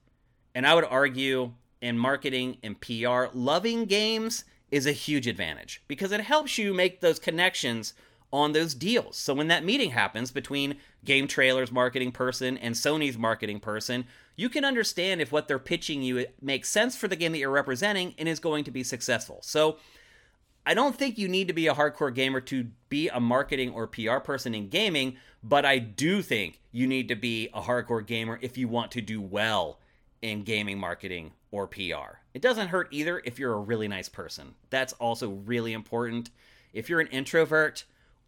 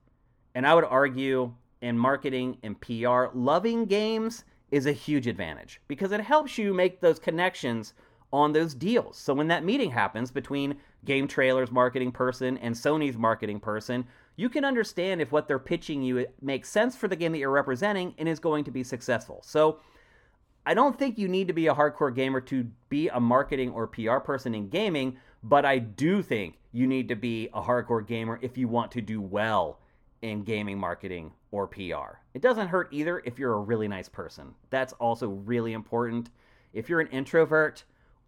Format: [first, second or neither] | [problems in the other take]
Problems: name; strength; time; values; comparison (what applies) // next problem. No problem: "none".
first | muffled; slightly; fading above 2 kHz